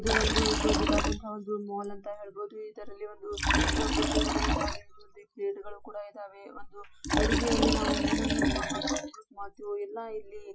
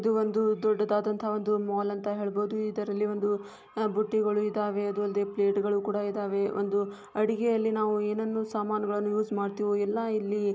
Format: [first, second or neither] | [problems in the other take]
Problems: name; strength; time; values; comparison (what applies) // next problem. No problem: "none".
second | noise reduction (classical method Wiener filter)